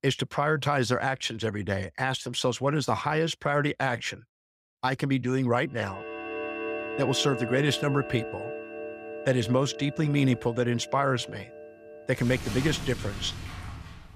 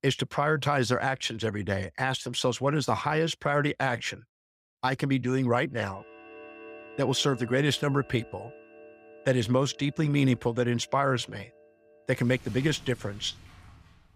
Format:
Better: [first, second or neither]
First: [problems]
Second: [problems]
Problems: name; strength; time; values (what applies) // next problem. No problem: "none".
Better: second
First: household noises; loud; from 6 s on; 10 dB below the speech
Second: household noises; faint; from 6 s on; 20 dB below the speech